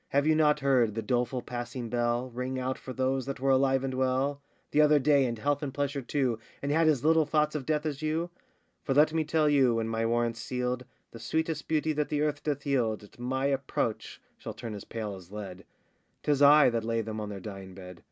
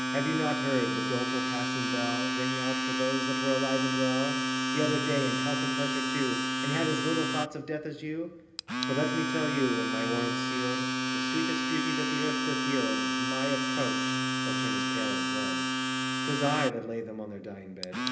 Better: first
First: none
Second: background sound (Domestic sounds, home sounds); 3 dB above the speech // room echo; dies away in 0.8 s

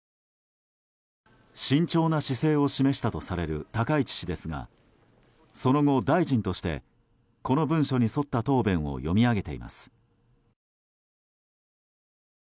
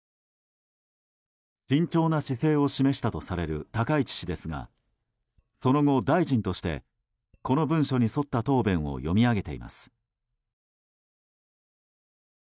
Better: first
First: none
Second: noise reduction (neural mask model DeepFilterNet 3)

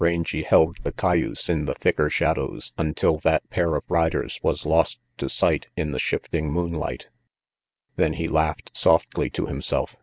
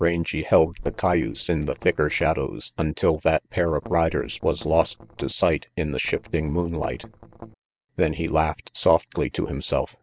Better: first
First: none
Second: noise reduction (neural separator model SepFormer DNS4)

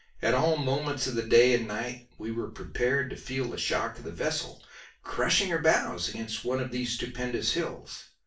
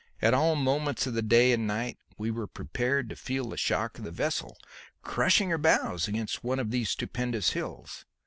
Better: second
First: room echo; dies away in 0.3 s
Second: none

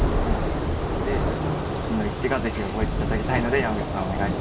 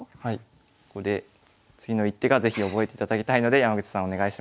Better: second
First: background sound (Thunder / Rain); 4 dB above the speech // room echo; dies away in 0.2 s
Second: none

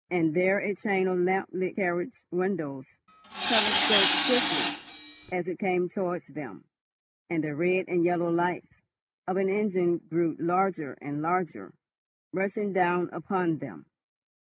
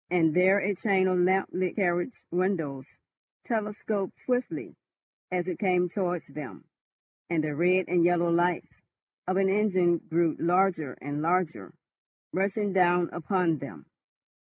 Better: second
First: background sound (Tools); 1 dB above the speech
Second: none

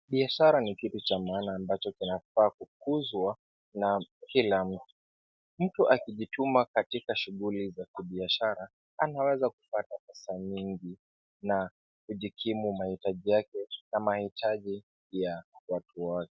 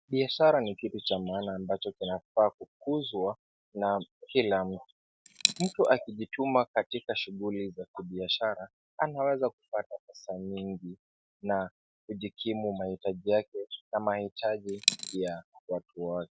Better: first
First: none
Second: background sound (Coin (dropping)); 1 dB below the speech

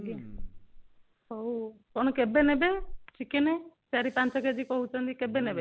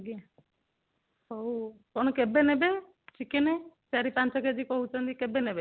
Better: second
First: background sound (Respiratory sounds); 14 dB below the speech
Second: none

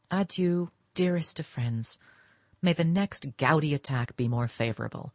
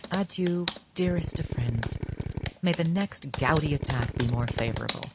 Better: first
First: none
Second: background sound (Computer keyboard + Drill); 5 dB below the speech

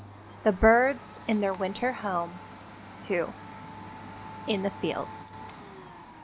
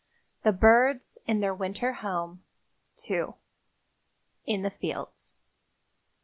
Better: second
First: background sound (Domestic sounds, home sounds); 14 dB below the speech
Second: none

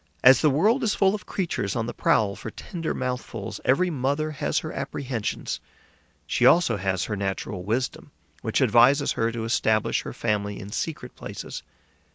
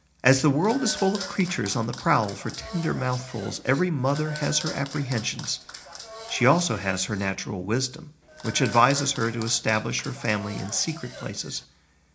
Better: first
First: none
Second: background sound (Applause / Clapping); 14 dB below the speech // room echo; dies away in 0.4 s

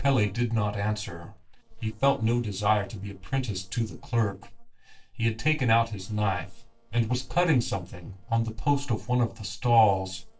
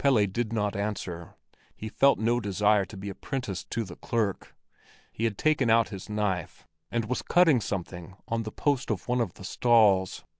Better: second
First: noise reduction (neural separator model SepFormer DNS4)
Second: none

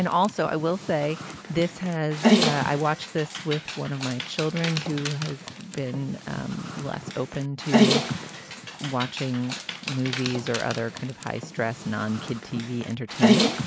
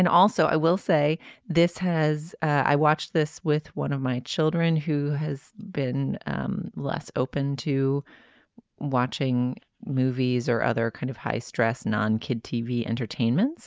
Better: second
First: background sound (Dog); as loud as the speech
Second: none

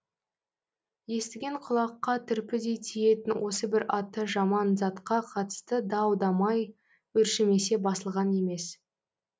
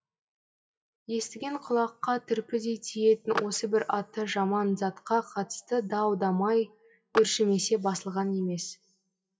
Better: first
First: none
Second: noise reduction (classical method WPE with log-MMSE)

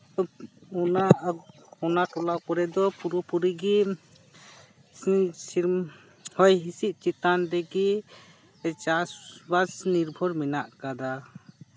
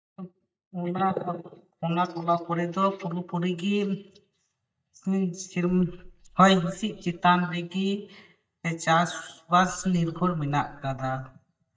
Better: first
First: none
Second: noise reduction (neural mask model DeepFilterNet 3)

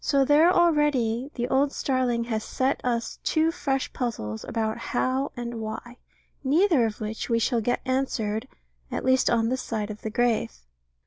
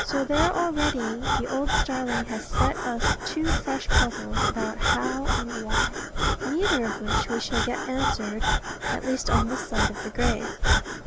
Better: first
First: none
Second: background sound (Breathing); 4 dB above the speech

